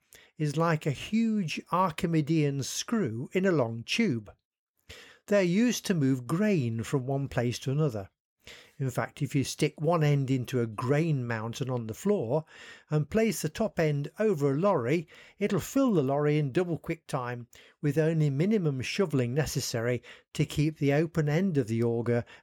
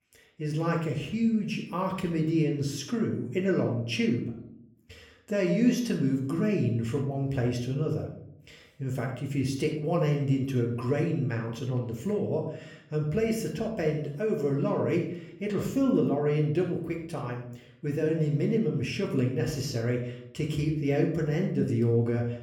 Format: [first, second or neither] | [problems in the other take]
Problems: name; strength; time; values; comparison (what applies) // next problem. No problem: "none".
first | off-mic speech; somewhat distant // room echo; slight; dies away in 0.6 s